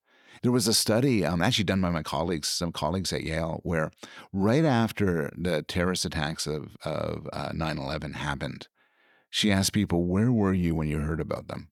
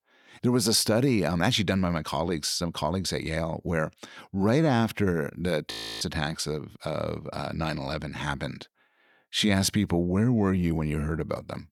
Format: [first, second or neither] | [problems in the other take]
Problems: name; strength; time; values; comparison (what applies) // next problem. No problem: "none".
first | audio freezing; at 5.5 s